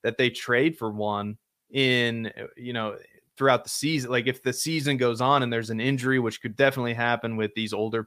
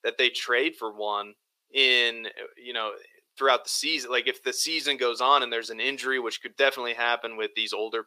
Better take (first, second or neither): first